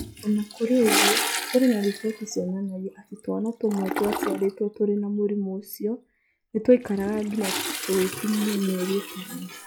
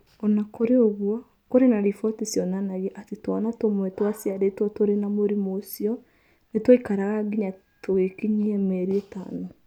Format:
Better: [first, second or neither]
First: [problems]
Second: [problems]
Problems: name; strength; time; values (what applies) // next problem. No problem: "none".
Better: second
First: noise reduction (classical method log-MMSE)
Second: none